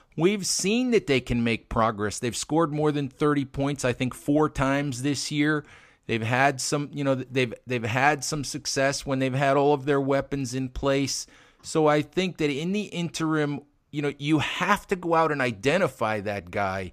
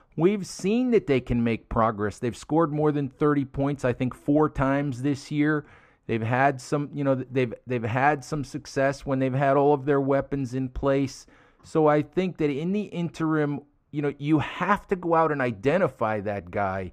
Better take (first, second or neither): first